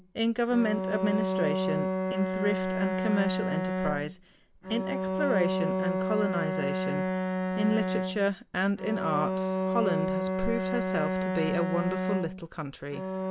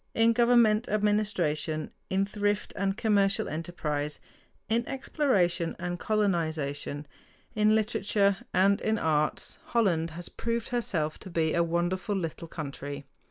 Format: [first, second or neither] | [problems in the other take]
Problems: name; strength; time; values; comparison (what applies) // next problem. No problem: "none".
second | background sound (Bowed string instrument); 1 dB above the speech